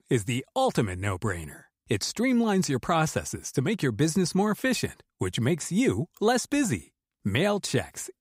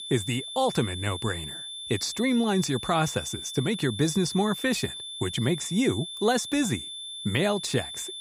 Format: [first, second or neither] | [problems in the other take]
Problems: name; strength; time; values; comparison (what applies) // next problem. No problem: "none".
first | high-pitched whine; loud; throughout; 3.5 kHz, 8 dB below the speech